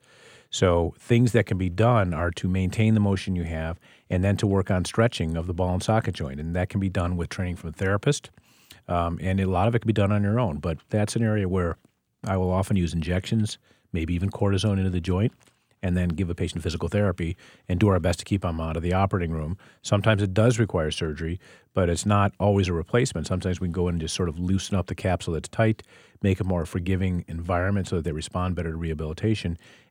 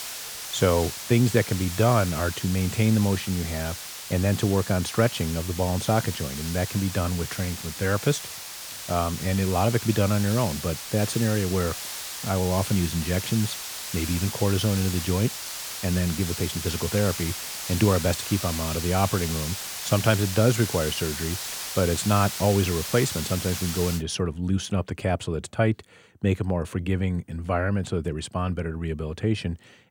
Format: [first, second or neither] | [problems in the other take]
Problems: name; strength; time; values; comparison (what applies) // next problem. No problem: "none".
first | hiss; loud; until 24 s; 6 dB below the speech